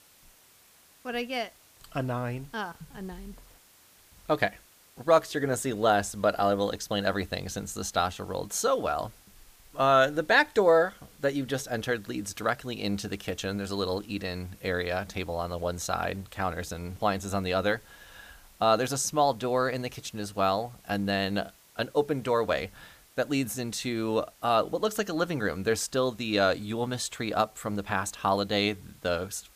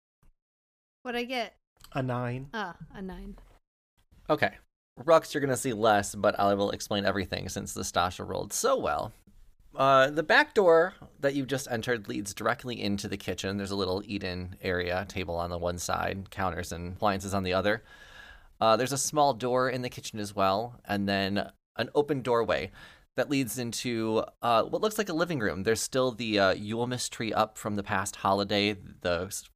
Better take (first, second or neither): second